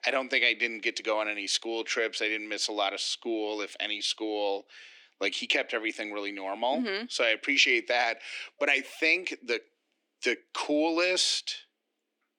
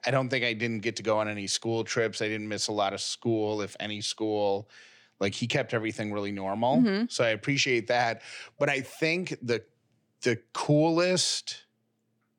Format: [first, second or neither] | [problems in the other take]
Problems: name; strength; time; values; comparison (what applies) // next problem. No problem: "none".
second | thin; somewhat; fading below 300 Hz